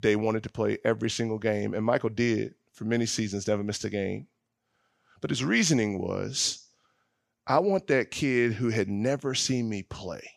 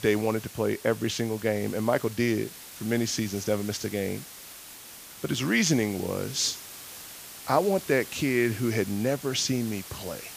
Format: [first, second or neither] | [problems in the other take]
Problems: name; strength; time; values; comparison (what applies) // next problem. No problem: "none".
first | hiss; noticeable; throughout; 15 dB below the speech